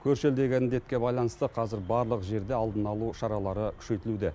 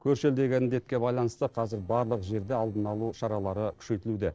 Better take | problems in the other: first | noise reduction (neural separator model SepFormer DNS4)

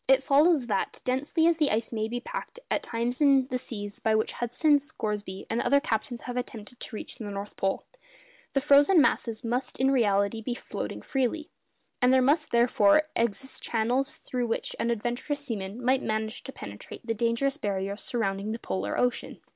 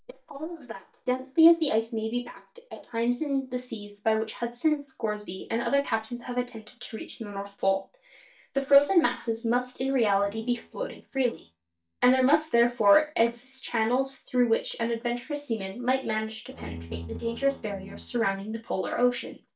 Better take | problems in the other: first | noise reduction (neural mask model DeepFilterNet 3)

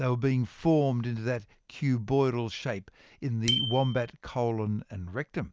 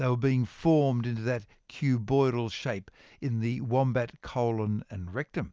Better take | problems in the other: second | background sound (Bicycle bell); 12 dB below the speech

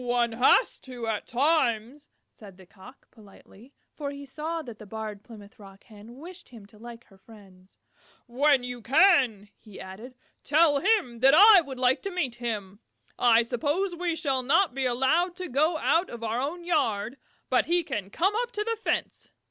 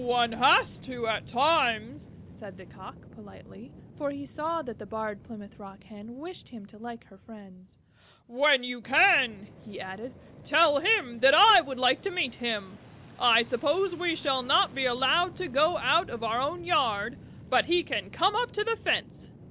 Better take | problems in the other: first | background sound (Fixed-wing aircraft, airplane); 20 dB below the speech

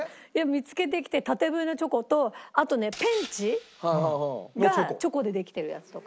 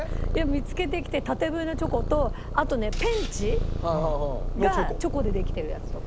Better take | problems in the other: first | background sound (Purr); as loud as the speech

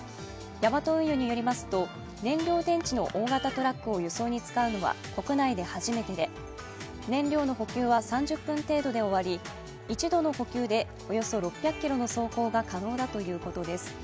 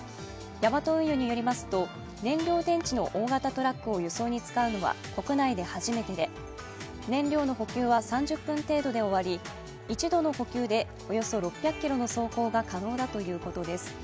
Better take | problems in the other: second | background sound (Electric guitar); 17 dB below the speech

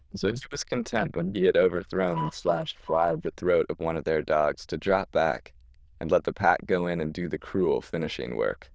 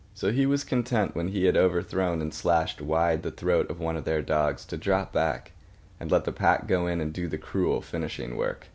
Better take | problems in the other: second | noise reduction (neural diffusion model UNIVERSE++)

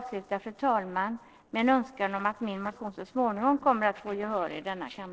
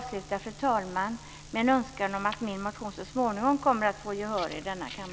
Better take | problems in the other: second | noise reduction (neural separator model SepFormer DNS4)

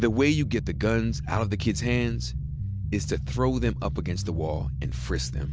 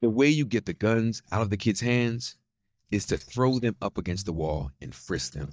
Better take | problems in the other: first | noise reduction (neural mask model DeepFilterNet 3)

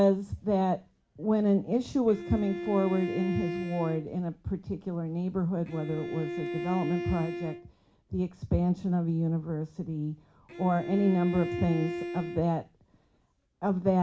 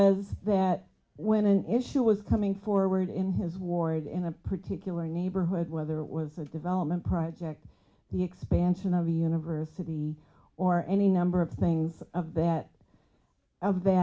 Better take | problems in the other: second | background sound (Bowed string instrument); 7 dB below the speech

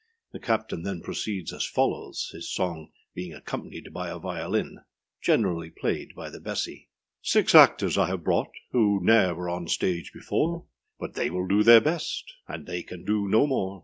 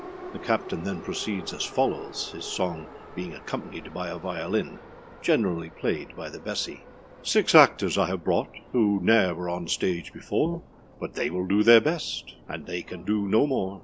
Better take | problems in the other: first | background sound (Subway, metro, underground); 18 dB below the speech

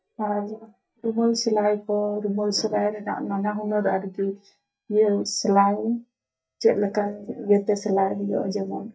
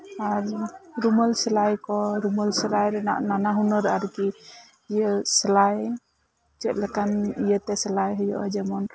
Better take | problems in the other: second | noise reduction (neural mask model DeepFilterNet 3)

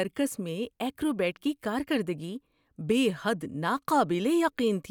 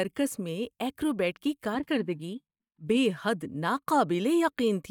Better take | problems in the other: first | noise reduction (neural mask model DeepFilterNet 3)

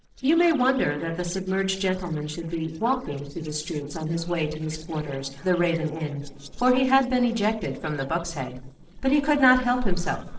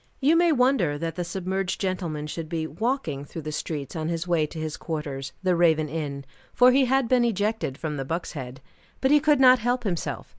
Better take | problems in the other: second | noise reduction (neural separator model SepFormer DNS4)

